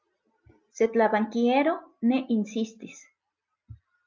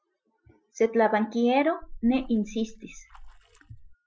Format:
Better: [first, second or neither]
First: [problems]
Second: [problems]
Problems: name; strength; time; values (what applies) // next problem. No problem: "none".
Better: first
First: none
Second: noise reduction (classical method Wiener filter)